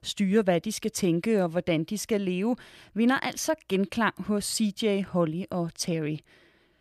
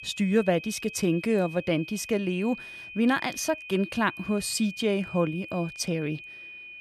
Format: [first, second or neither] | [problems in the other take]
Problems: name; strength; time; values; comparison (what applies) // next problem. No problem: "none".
first | high-pitched whine; noticeable; throughout; 2.5 kHz, 15 dB below the speech